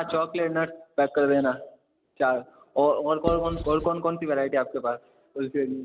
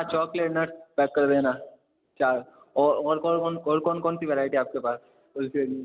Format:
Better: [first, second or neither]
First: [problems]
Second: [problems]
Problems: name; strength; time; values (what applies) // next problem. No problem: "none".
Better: second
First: background sound (Writing); 8 dB below the speech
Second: none